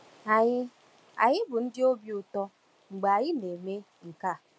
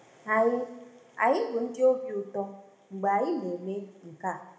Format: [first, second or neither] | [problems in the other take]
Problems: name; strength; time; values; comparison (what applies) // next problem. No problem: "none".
first | room echo; dies away in 0.7 s